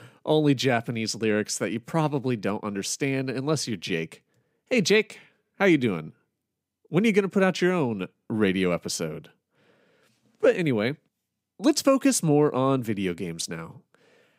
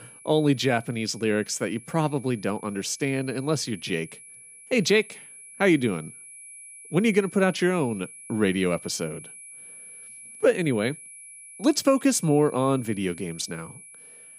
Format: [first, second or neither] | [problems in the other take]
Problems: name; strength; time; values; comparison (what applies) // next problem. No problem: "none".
first | high-pitched whine; noticeable; throughout; 10.5 kHz, 20 dB below the speech